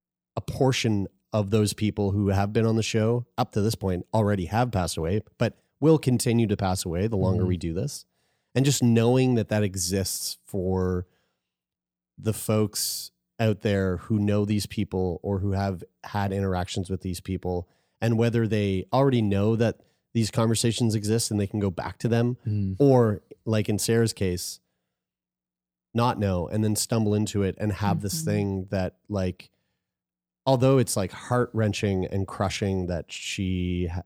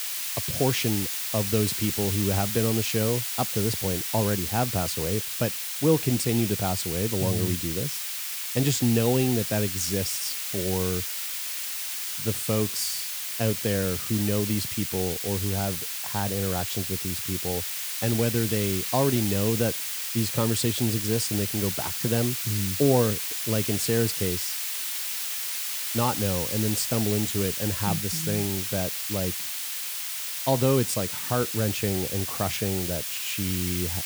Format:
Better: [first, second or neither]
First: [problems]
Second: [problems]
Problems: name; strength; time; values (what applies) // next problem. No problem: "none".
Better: first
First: none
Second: hiss; loud; throughout; 1 dB below the speech